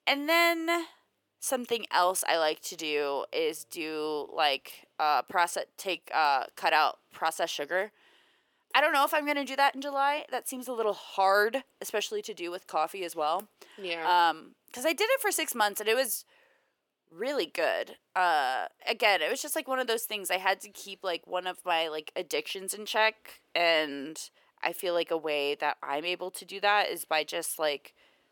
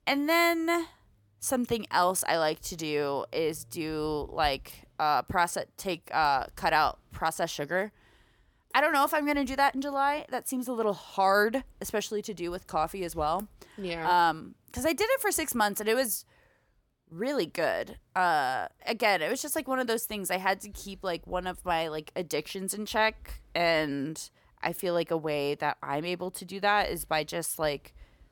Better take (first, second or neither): second